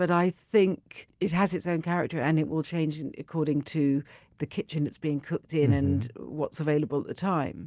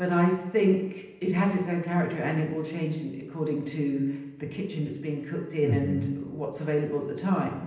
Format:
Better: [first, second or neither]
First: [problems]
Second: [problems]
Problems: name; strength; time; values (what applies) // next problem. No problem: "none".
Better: first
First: none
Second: room echo; dies away in 0.9 s